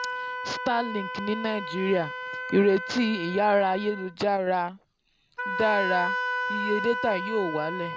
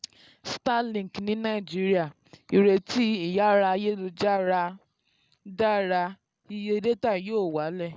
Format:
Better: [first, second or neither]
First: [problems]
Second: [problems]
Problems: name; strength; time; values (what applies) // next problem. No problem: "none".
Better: second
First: background sound (Wind instrument, woodwind instrument); 5 dB below the speech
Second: none